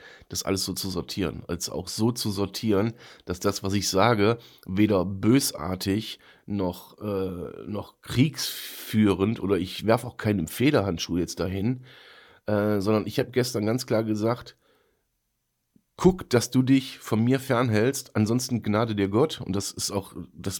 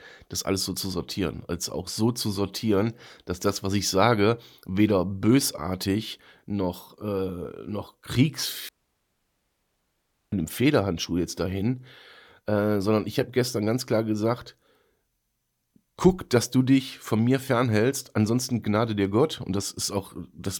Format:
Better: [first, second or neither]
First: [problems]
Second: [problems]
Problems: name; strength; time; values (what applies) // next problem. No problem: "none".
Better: first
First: none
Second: audio cutting out; at 8.5 s for 1.5 s